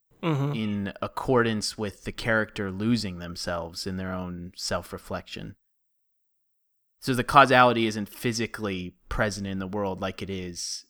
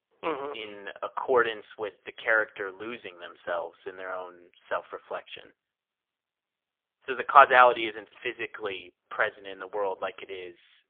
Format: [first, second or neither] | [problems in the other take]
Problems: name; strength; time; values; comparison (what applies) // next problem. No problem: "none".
first | phone-call audio; poor line; nothing above 3.5 kHz